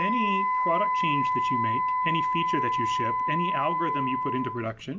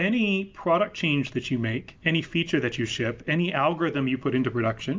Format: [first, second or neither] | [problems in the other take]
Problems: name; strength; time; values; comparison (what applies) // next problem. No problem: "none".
second | background sound (Wind instrument, woodwind instrument); 5 dB above the speech